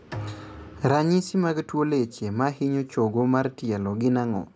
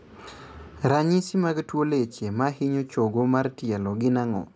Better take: second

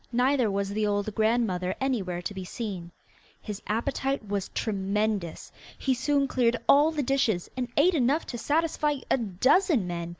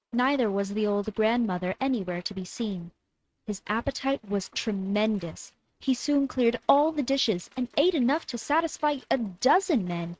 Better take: first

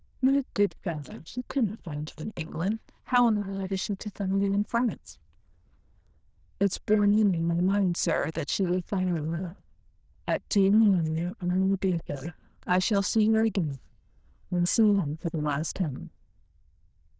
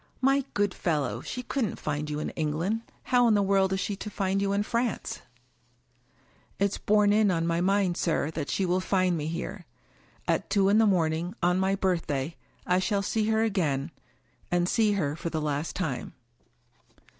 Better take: second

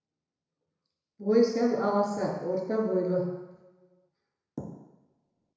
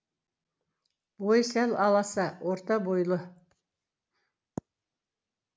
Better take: second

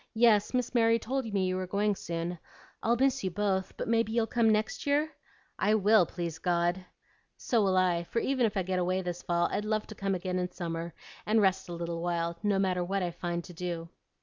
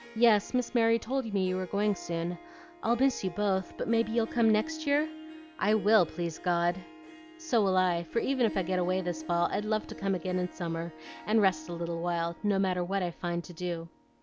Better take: first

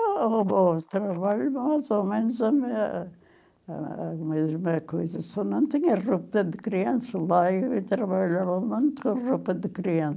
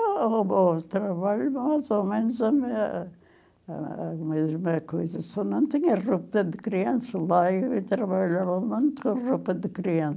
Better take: second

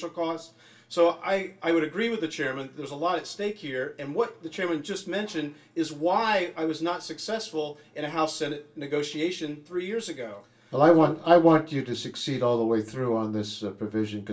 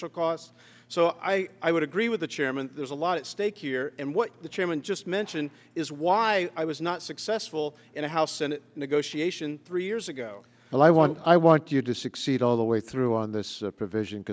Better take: second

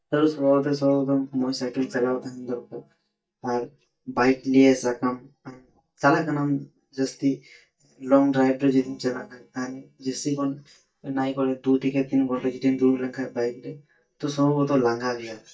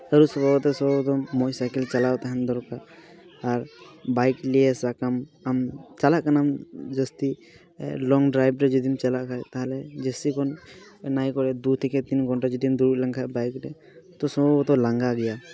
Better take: second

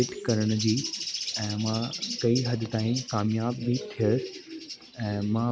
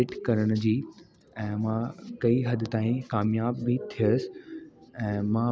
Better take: second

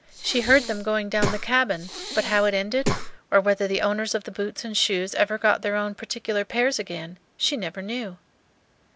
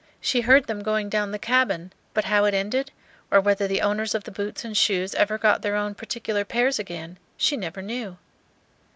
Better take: second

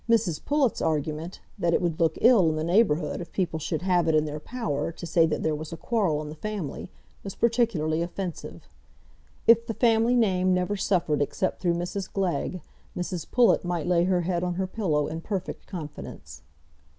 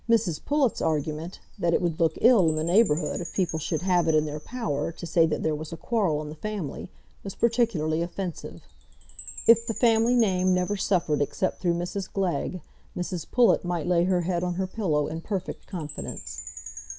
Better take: first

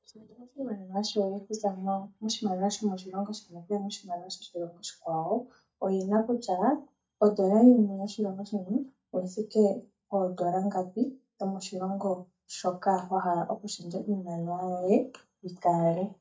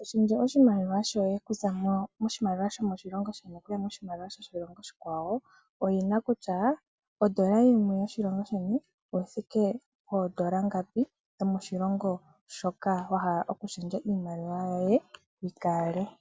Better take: second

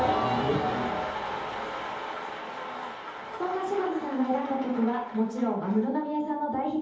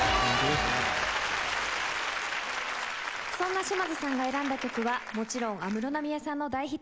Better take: second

